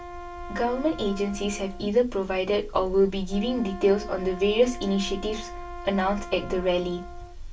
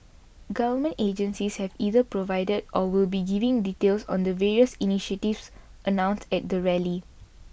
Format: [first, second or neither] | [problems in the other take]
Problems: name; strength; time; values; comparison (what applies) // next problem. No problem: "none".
second | background sound (Wind instrument, woodwind instrument); 15 dB below the speech // room echo; dies away in 0.2 s